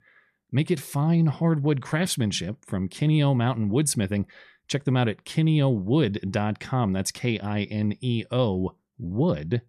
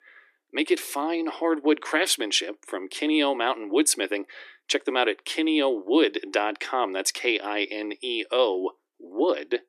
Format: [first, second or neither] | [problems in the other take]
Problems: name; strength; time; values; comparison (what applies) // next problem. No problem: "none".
first | thin; very; fading below 300 Hz